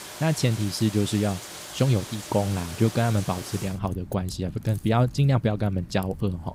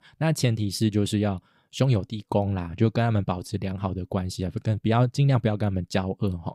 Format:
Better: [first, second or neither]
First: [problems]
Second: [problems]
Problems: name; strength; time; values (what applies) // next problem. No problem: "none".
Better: second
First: household noises; noticeable; throughout; 15 dB below the speech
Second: none